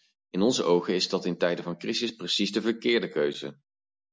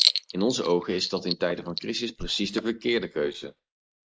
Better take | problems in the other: first | noise reduction (neural mask model Resemble Enhance denoiser)

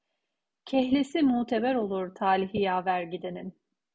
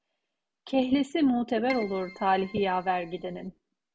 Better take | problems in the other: first | background sound (Keyboard (musical)); 17 dB below the speech

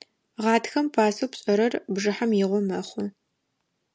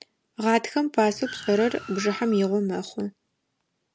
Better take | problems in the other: first | background sound (Car); 17 dB below the speech

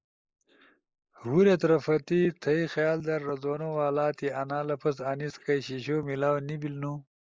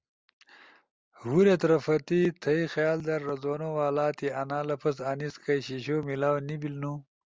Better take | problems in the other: second | noise reduction (neural mask model Resemble Enhance denoiser)

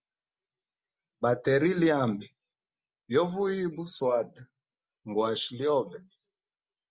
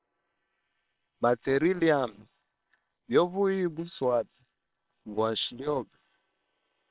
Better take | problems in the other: first | noise reduction (neural separator model SepFormer WHAM!)

